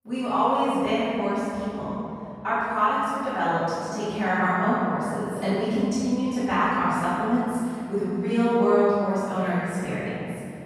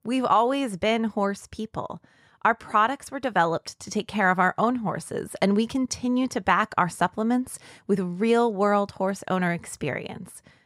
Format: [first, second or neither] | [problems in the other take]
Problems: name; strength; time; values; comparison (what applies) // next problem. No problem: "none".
second | off-mic speech; far // room echo; strong; dies away in 3 s